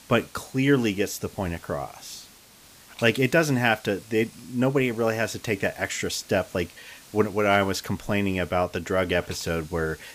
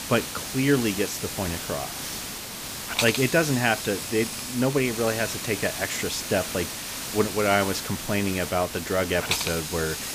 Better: first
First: hiss; faint; throughout; 20 dB below the speech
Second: hiss; loud; throughout; 4 dB below the speech

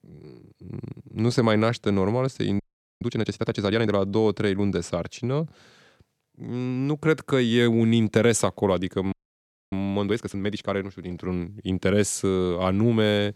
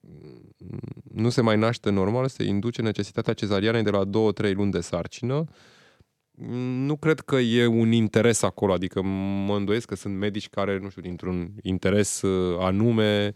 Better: second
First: audio freezing; at 2.5 s and at 9 s for 0.5 s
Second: none

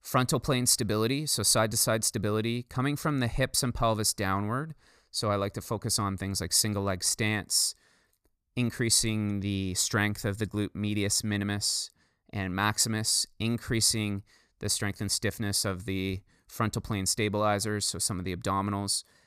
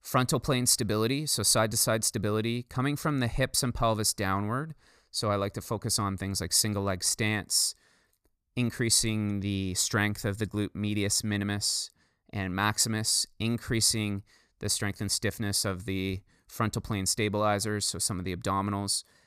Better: neither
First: none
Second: none

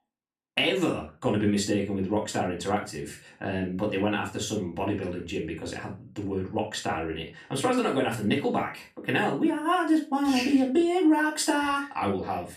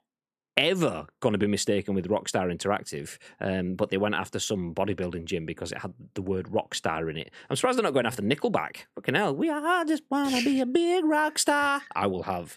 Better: second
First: off-mic speech; far // room echo; slight; dies away in 0.3 s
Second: none

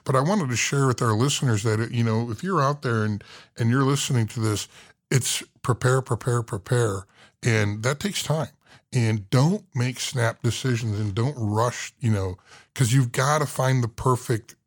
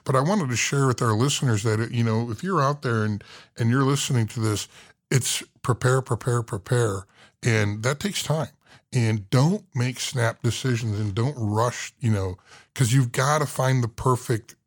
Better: neither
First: none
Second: none

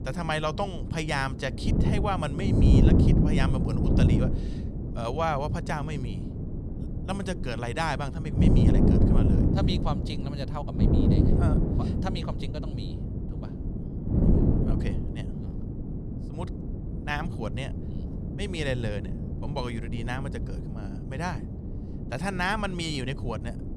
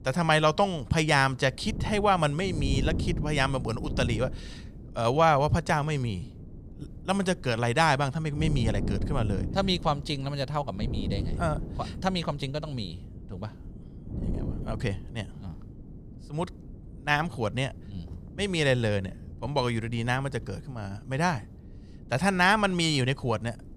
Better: second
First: wind noise on the microphone; heavy; 3 dB below the speech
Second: wind noise on the microphone; occasional gusts; 20 dB below the speech

